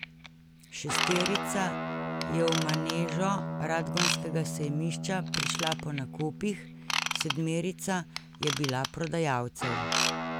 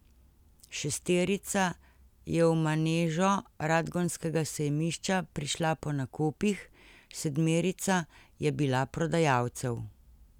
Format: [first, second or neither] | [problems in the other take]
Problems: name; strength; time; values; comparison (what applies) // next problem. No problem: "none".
second | background sound (Ratchet, pawl / Tools + Guitar); 1 dB below the speech